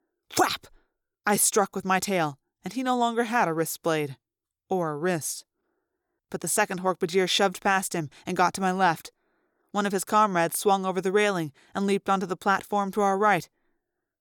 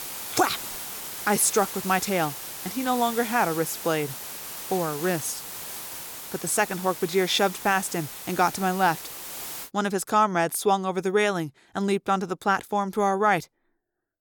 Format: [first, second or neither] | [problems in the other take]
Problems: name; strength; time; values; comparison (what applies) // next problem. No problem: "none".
first | hiss; loud; until 9.5 s; 9 dB below the speech